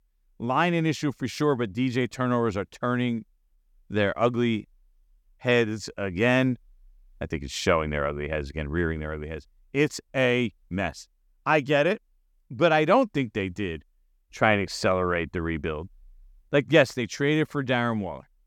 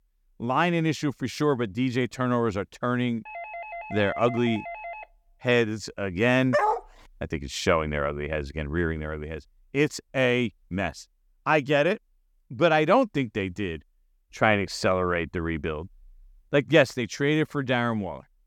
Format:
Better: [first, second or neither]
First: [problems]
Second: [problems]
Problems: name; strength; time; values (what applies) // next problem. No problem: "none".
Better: first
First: none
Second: doorbell; faint; from 3.5 to 5 s; peak 10 dB below the speech // dog barking; loud; at 6.5 s; peak 1 dB above the speech